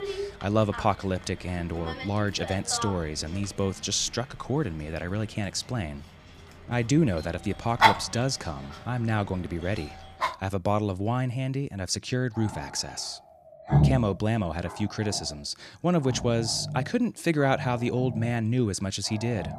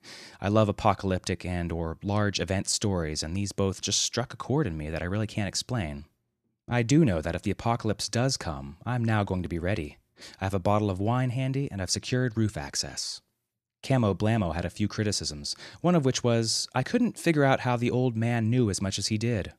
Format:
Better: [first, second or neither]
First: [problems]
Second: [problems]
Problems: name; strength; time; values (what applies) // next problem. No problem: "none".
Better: second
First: animal sounds; loud; throughout; 3 dB below the speech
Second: none